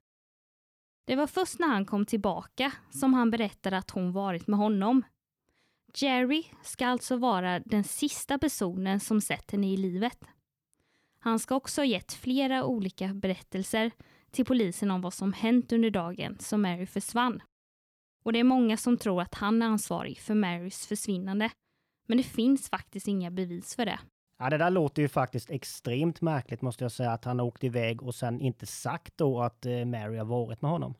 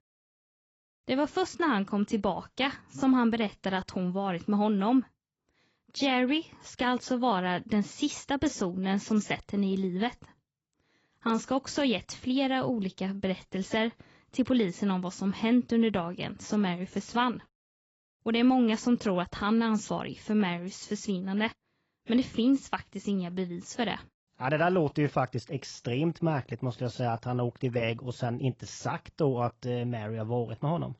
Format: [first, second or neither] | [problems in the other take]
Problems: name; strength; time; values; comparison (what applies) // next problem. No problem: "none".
first | garbled, watery; badly; nothing above 7.5 kHz